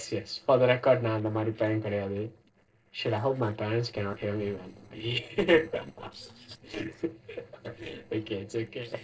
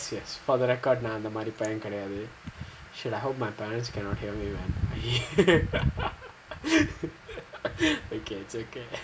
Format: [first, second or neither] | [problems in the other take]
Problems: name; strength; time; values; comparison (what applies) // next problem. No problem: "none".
second | noise reduction (neural separator model SepFormer DNS4)